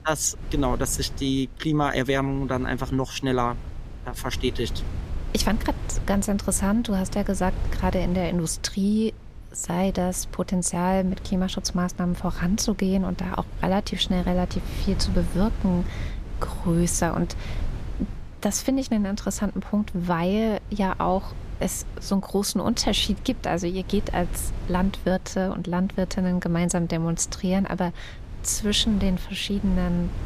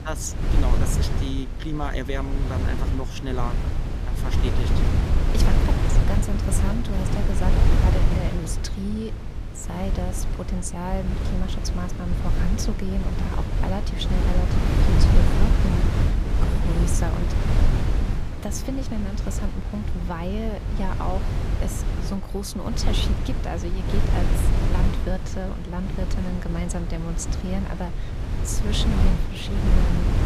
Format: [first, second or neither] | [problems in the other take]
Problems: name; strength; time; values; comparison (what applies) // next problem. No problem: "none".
first | wind noise on the microphone; heavy; as loud as the speech; occasional gusts in the first